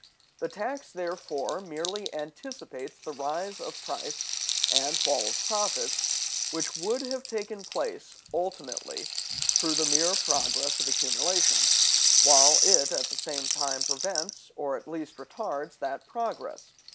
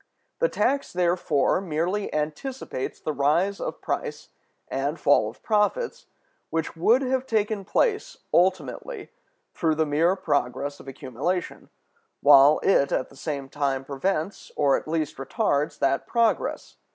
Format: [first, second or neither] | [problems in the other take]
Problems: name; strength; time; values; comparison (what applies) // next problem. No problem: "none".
second | background sound (Rattle (instrument)); 5 dB above the speech